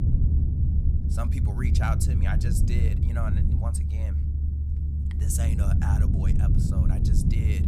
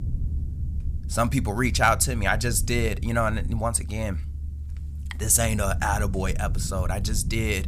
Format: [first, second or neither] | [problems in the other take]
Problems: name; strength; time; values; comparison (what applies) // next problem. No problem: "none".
second | low rumble; loud; throughout; 1 dB below the speech; faint in the second